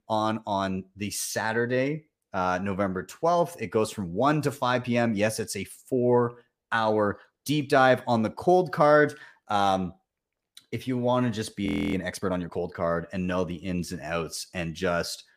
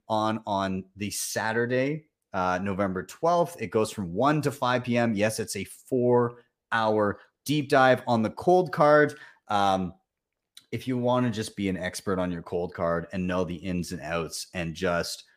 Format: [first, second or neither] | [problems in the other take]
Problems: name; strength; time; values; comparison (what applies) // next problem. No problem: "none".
second | audio freezing; at 12 s